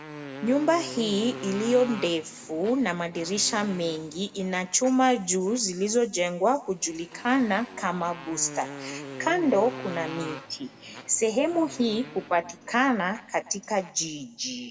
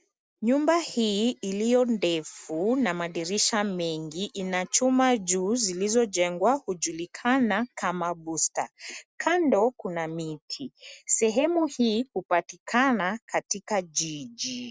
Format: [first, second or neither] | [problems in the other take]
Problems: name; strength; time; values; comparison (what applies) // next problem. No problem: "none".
second | background sound (Motorcycle); 15 dB below the speech // room echo; dies away in 0.8 s